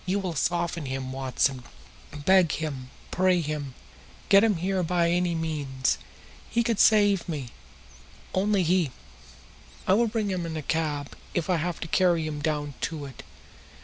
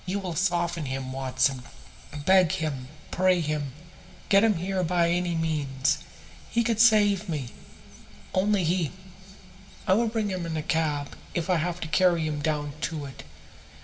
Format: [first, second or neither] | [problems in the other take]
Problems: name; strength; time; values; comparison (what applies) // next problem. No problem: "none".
first | room echo; dies away in 3 s